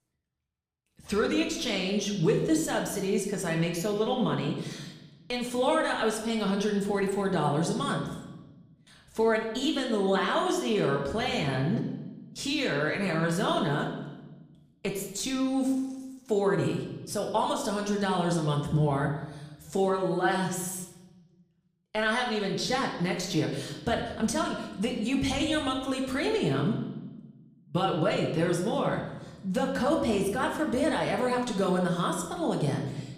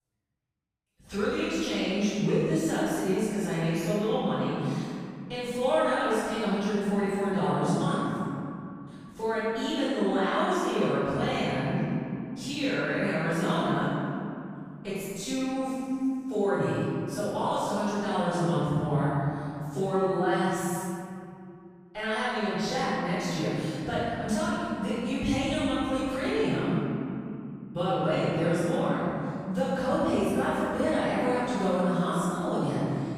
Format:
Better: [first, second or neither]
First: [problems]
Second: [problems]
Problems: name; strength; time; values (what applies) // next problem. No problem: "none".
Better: first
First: room echo; slight; dies away in 1 s // off-mic speech; somewhat distant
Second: room echo; strong; dies away in 2.7 s // off-mic speech; far